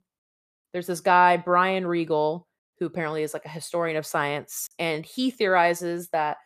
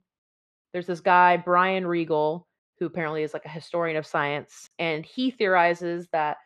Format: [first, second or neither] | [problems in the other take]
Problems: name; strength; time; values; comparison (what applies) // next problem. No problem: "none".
first | muffled; very slightly; fading above 3 kHz